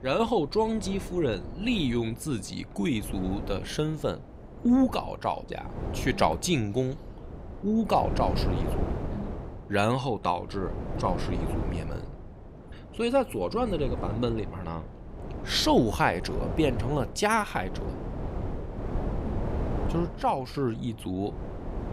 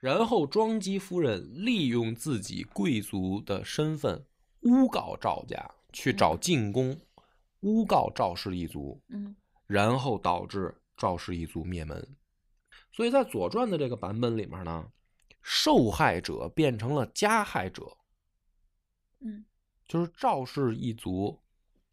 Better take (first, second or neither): second